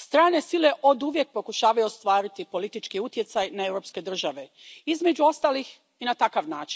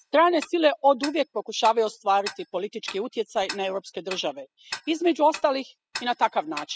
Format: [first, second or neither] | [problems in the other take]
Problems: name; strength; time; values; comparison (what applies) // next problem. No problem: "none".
first | noise reduction (classical method spectral subtraction)